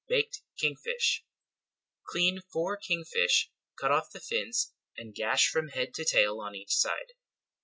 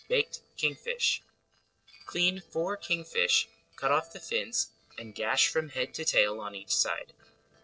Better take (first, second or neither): first